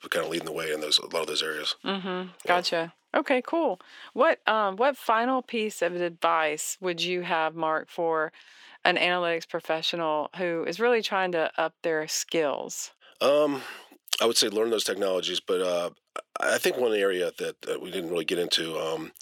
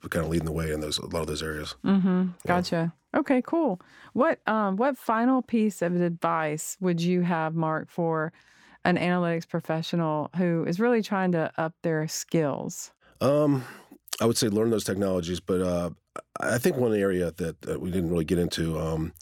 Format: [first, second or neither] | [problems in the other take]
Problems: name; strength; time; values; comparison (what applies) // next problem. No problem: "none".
second | thin; somewhat; fading below 450 Hz